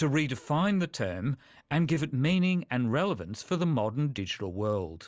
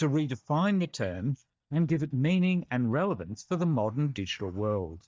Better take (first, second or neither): first